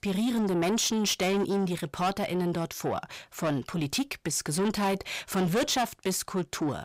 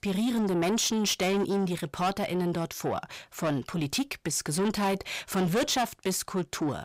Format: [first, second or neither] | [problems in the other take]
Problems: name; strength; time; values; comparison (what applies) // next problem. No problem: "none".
neither | distortion; heavy; 7 dB below the speech; the same in both